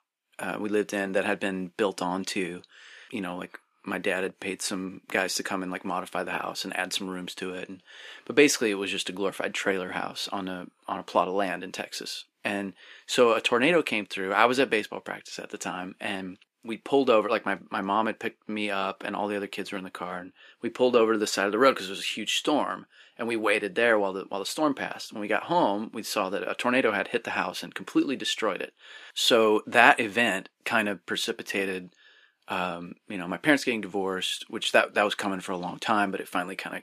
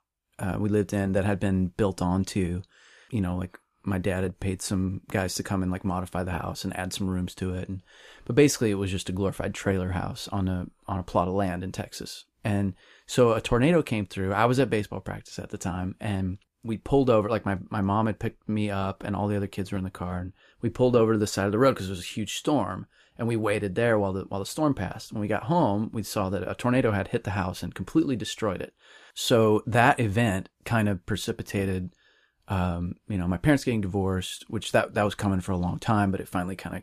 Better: second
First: thin; somewhat; fading below 250 Hz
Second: none

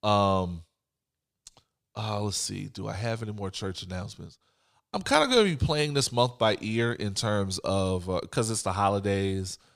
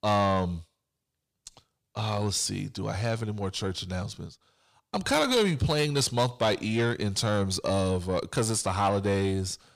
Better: first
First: none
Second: distortion; slight; 10 dB below the speech

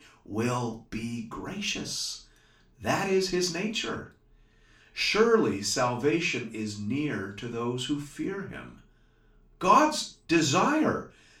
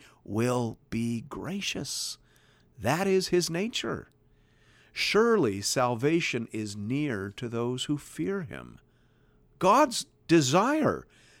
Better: second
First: room echo; slight; dies away in 0.3 s // off-mic speech; far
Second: none

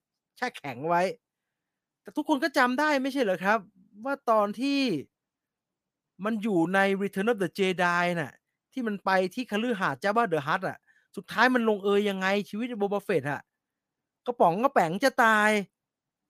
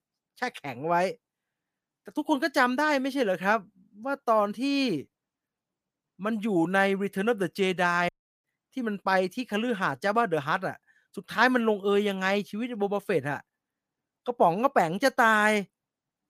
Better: first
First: none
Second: audio cutting out; at 8 s

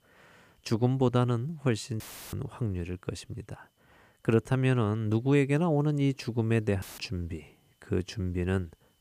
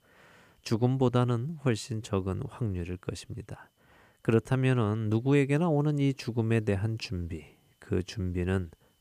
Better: second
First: audio cutting out; filled with static; at 2 s and at 7 s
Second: none

